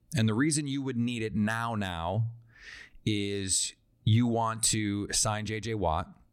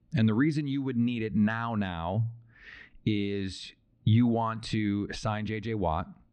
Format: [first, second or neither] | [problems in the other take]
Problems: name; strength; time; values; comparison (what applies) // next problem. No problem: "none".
first | muffled; slightly; fading above 3.5 kHz